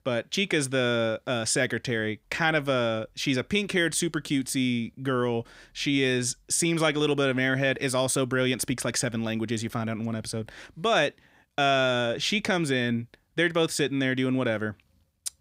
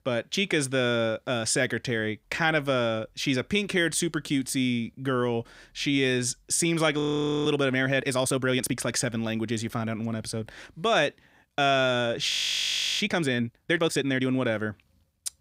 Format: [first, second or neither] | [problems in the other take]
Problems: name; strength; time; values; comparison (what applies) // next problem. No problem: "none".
first | audio freezing; at 7 s and at 12 s for 0.5 s